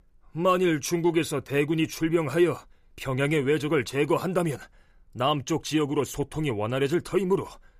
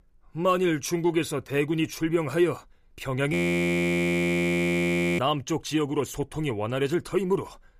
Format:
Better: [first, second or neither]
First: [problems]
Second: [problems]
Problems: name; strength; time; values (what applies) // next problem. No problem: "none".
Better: first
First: none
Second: audio freezing; at 3.5 s for 2 s